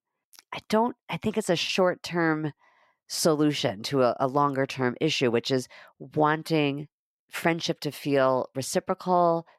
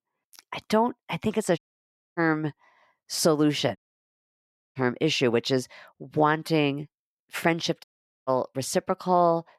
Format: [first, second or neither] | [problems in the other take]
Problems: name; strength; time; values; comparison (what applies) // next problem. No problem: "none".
first | audio cutting out; at 1.5 s for 0.5 s, at 4 s for 1 s and at 8 s